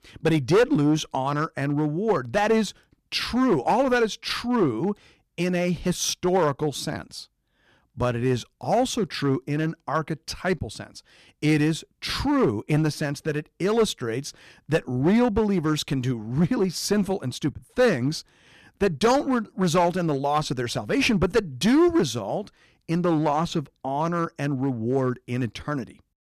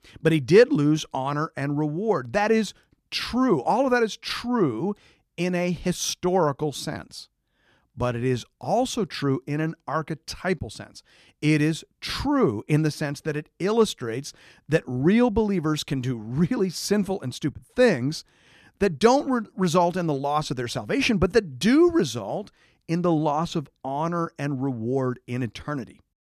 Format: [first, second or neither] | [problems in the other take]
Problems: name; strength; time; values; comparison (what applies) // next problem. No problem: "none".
second | distortion; slight; 5% of the sound clipped